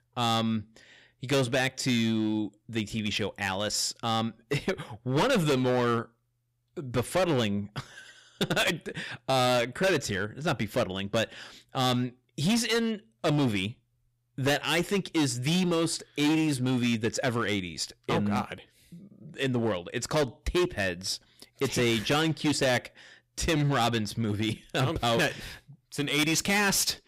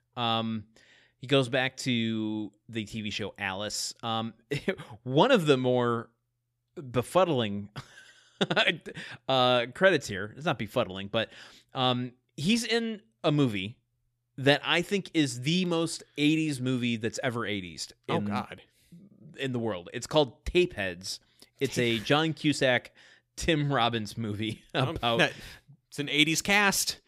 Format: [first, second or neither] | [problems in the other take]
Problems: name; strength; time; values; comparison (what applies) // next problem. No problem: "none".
second | distortion; heavy; 11% of the sound clipped